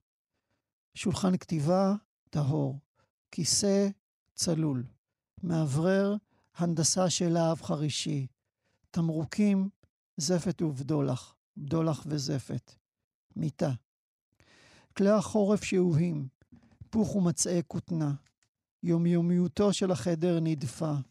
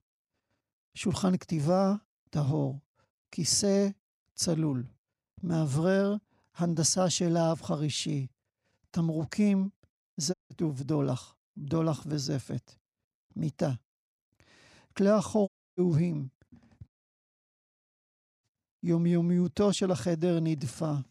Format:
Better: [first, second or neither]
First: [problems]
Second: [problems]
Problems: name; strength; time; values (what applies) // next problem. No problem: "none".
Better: first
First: none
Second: audio cutting out; at 10 s, at 15 s and at 17 s for 1.5 s